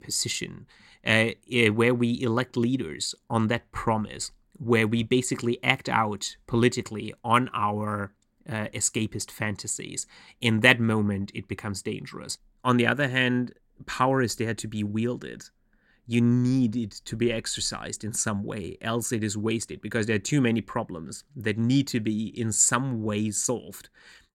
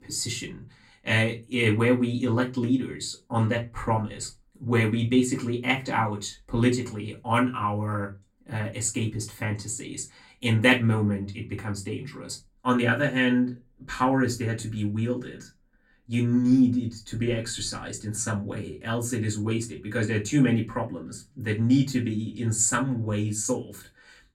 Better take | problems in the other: first | off-mic speech; far // room echo; very slight; dies away in 0.2 s

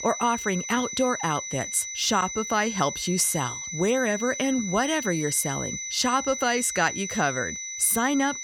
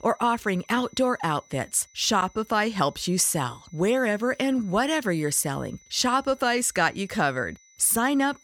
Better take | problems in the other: second | high-pitched whine; loud; throughout; 6 kHz, 6 dB below the speech; faint in the second

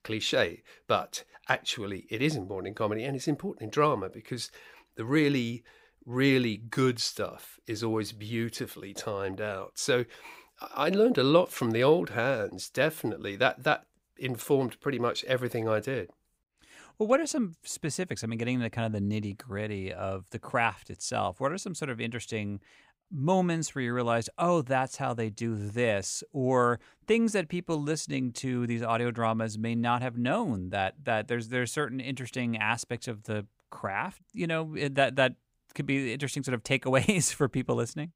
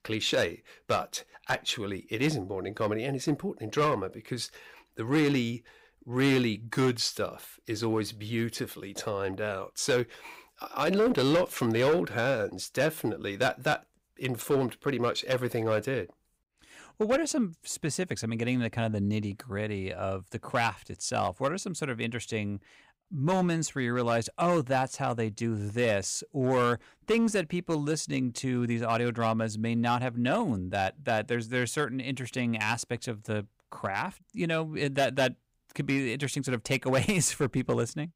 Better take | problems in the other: first | distortion; slight; 4% of the sound clipped

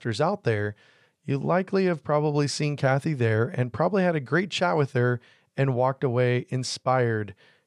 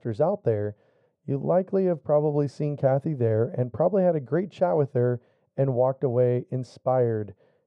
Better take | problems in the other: first | muffled; very; fading above 1 kHz

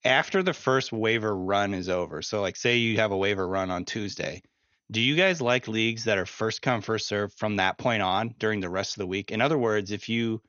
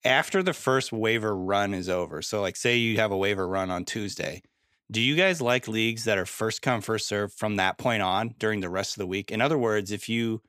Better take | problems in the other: second | garbled, watery; slightly; nothing above 6.5 kHz

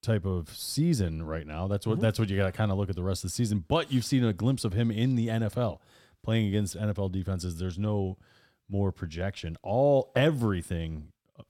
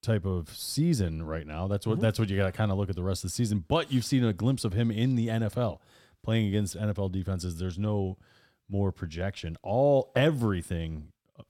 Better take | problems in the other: neither | none

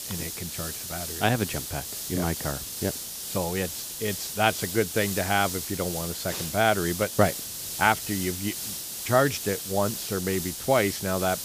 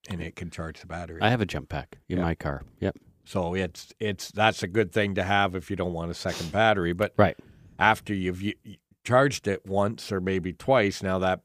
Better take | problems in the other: second | hiss; loud; throughout; 5 dB below the speech

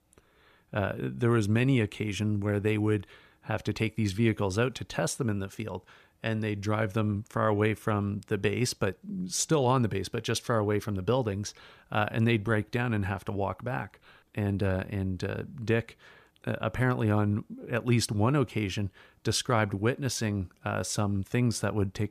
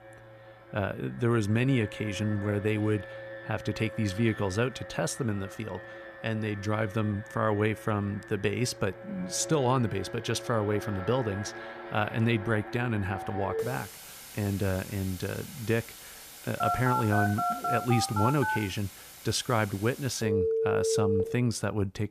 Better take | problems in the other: first | alarms or sirens; loud; throughout; 6 dB below the speech

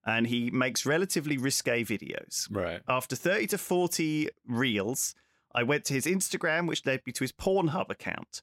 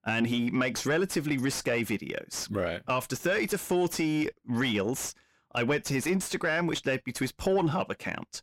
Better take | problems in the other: first | distortion; slight; 10 dB below the speech

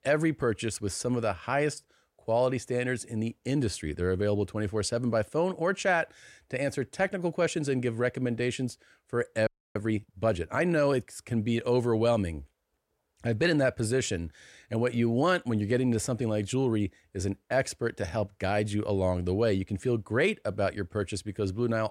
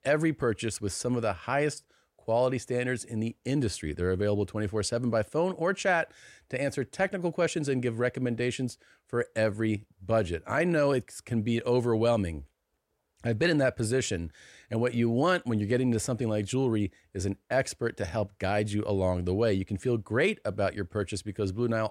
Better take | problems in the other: second | audio freezing; at 9.5 s

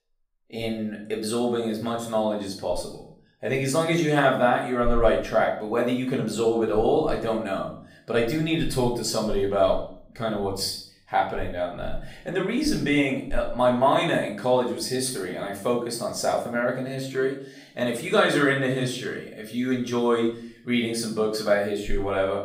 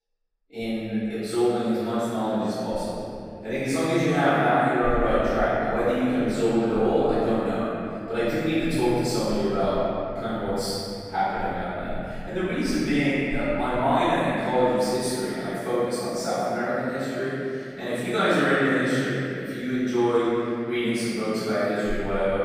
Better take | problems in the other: first | room echo; strong; dies away in 2.9 s; slight in the first // off-mic speech; far; far in the first

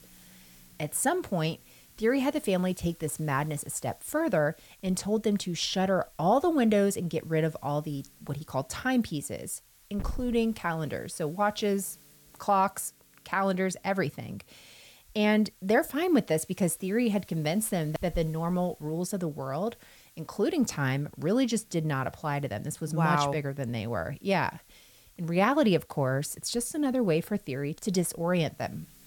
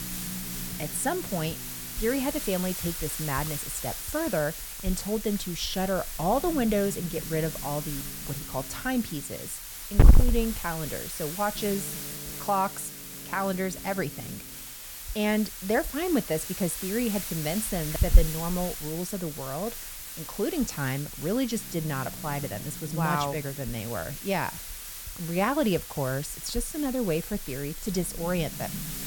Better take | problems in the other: first | hiss; loud; throughout; 3 dB below the speech; faint in the first

